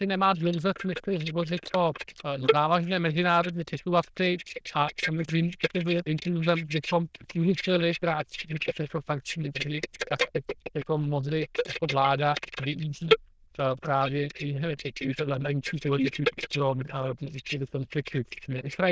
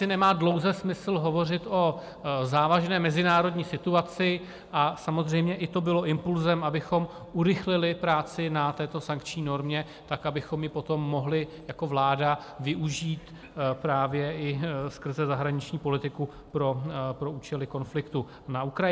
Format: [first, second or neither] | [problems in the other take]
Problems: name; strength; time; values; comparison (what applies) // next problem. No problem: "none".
second | noise reduction (neural diffusion model UNIVERSE++)